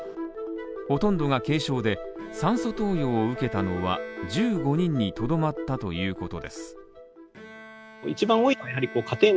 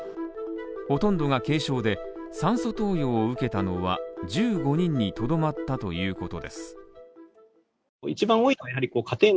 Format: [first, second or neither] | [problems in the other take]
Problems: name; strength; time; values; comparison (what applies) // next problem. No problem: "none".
second | background sound (Bowed string instrument); 20 dB below the speech